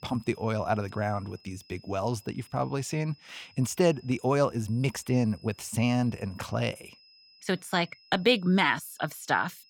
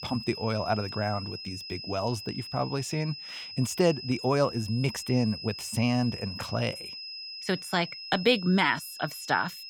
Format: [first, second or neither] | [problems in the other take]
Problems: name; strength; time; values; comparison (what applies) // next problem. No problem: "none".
first | high-pitched whine; loud; throughout; 5 kHz, 10 dB below the speech; faint in the first